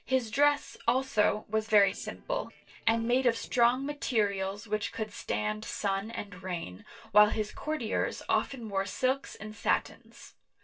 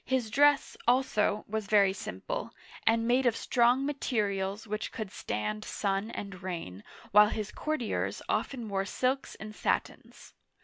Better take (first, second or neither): second